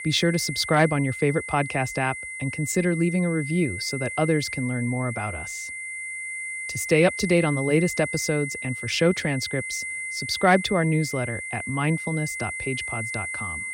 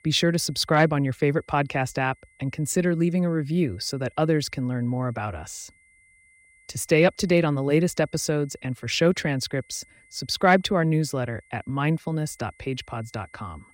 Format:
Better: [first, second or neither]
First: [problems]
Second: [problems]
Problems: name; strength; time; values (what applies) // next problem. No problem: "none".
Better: second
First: high-pitched whine; loud; throughout; 2 kHz, 6 dB below the speech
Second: high-pitched whine; faint; throughout; 2 kHz, 30 dB below the speech